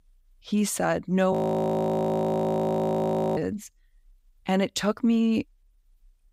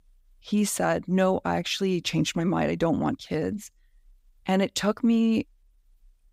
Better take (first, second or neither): second